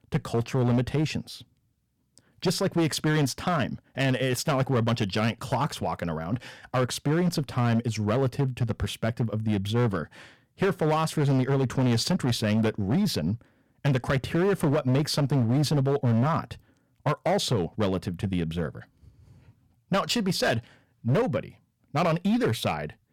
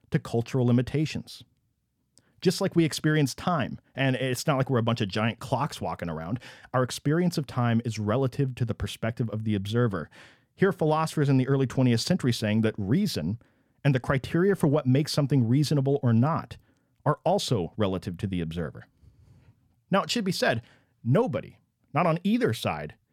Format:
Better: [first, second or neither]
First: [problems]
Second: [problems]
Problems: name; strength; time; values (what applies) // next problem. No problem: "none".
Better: second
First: distortion; slight; 11% of the sound clipped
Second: none